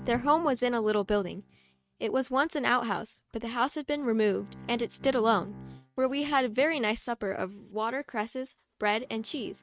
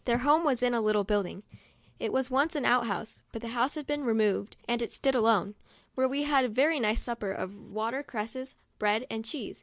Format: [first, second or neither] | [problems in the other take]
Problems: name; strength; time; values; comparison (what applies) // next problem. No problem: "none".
second | noise reduction (neural mask model RNNoise)